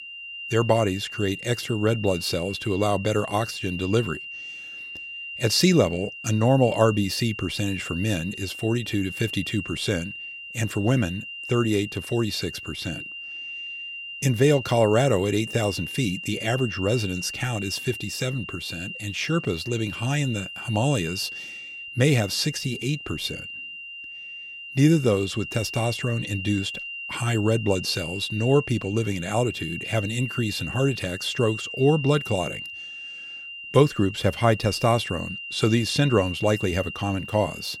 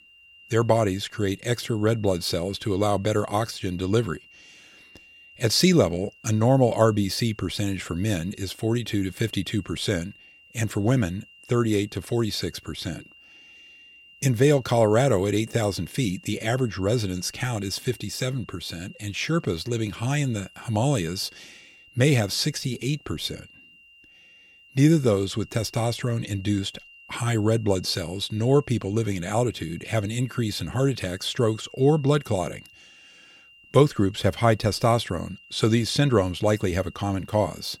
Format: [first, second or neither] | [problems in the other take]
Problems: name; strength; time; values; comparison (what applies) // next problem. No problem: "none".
second | high-pitched whine; loud; throughout; 3 kHz, 9 dB below the speech; faint in the second